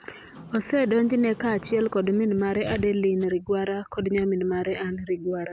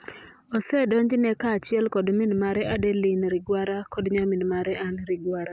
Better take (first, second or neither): second